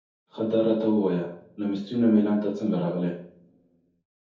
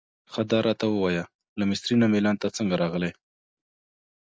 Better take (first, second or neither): second